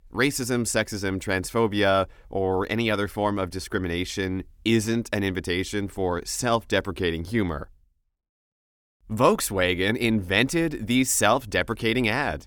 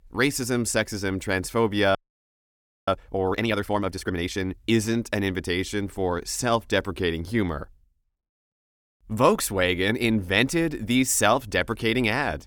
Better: first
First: none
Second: audio freezing; at 2 s for 1 s

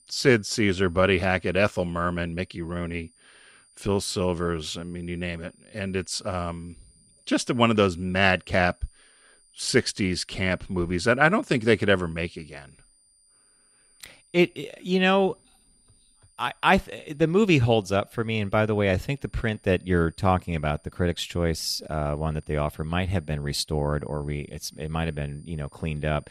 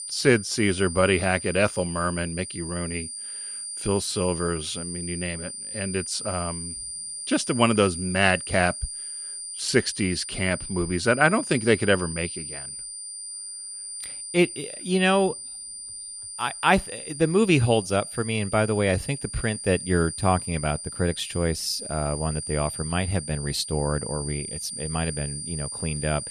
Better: first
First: high-pitched whine; faint; throughout; 9 kHz, 30 dB below the speech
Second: high-pitched whine; loud; throughout; 9 kHz, 8 dB below the speech

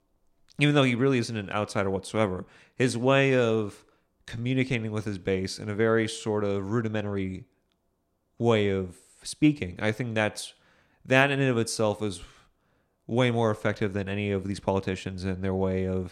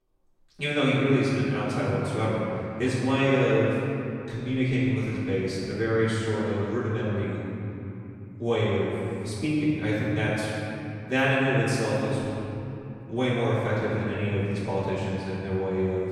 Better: first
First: none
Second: off-mic speech; far // room echo; strong; dies away in 3 s

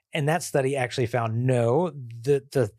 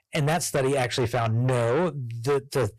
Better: first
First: none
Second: distortion; heavy; 6 dB below the speech

